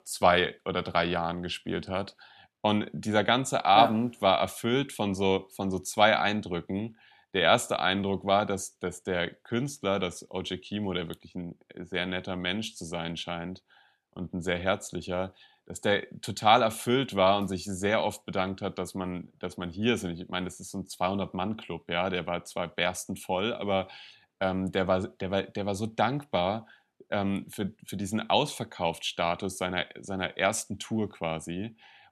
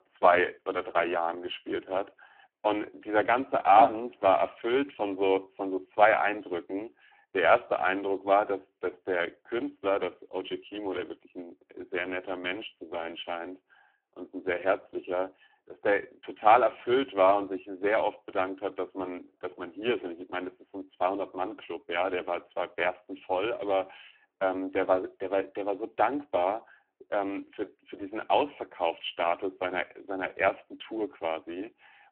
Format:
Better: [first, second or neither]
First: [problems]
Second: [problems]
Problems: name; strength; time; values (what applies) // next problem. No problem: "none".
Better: first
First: none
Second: phone-call audio; poor line